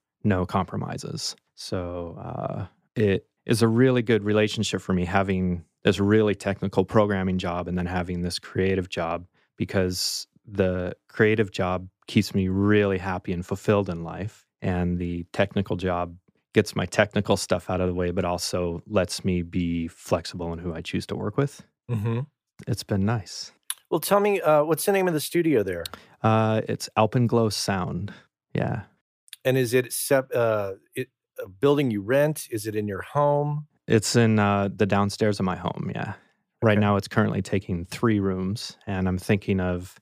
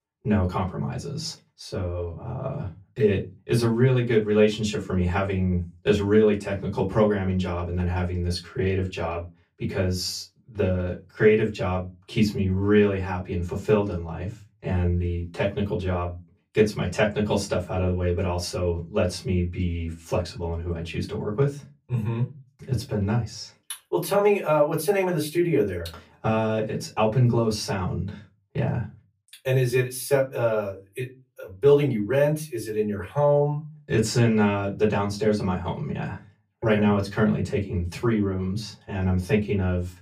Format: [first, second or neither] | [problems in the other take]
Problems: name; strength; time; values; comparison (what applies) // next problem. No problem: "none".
first | off-mic speech; far // room echo; very slight; dies away in 0.2 s